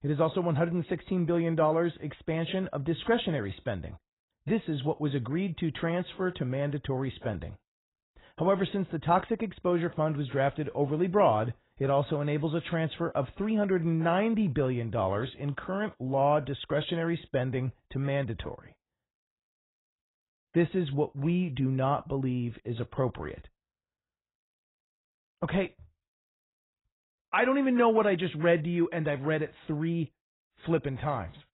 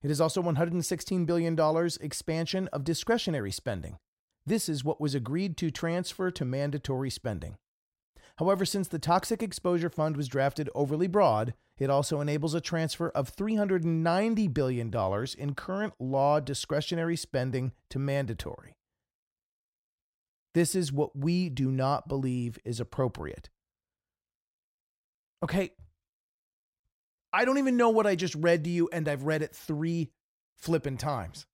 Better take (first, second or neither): second